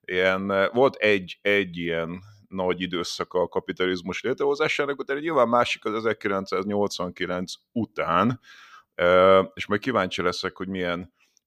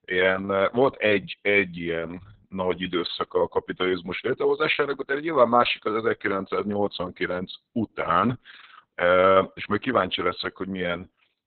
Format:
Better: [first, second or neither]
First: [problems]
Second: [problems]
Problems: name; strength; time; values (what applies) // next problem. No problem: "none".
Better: first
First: none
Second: garbled, watery; badly; nothing above 4 kHz